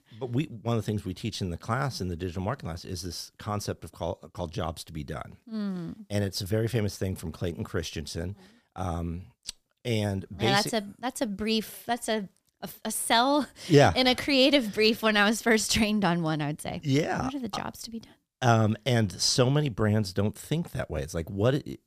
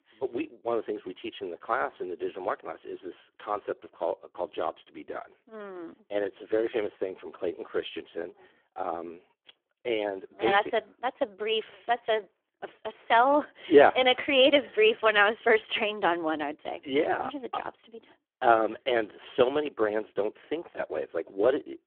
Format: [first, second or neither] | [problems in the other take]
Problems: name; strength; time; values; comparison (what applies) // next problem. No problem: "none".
first | phone-call audio; poor line; nothing above 3.5 kHz